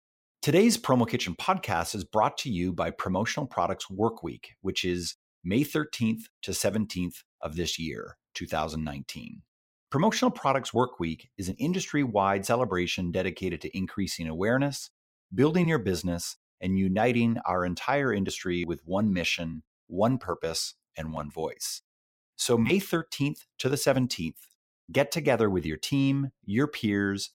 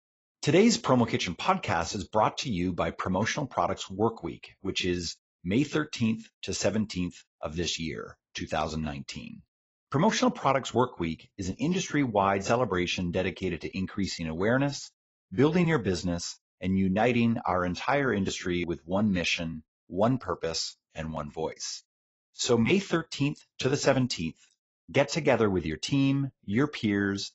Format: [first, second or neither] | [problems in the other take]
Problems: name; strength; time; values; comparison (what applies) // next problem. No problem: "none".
first | garbled, watery; badly; nothing above 7.5 kHz